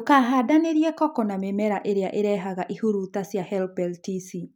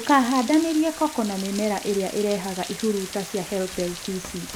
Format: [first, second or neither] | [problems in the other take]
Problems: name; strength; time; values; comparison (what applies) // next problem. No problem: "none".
first | background sound (Rain); 12 dB below the speech